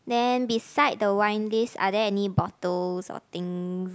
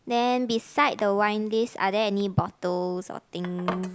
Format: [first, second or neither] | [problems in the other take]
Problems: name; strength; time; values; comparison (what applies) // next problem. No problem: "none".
first | background sound (Domestic sounds, home sounds); 17 dB below the speech